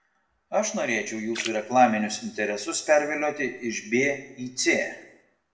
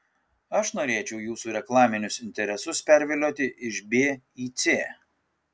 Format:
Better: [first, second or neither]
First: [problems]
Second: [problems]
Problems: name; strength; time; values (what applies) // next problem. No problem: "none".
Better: second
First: background sound (Splash, splatter); 17 dB below the speech // room echo; dies away in 0.7 s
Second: none